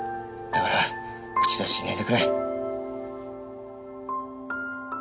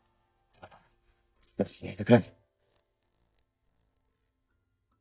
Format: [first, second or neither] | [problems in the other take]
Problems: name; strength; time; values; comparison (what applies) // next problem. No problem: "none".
first | noise reduction (neural mask model DeepFilterNet 3)